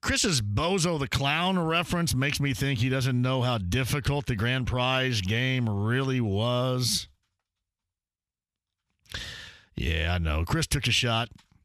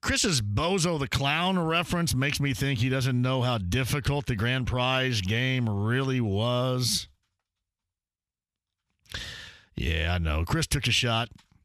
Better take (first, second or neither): neither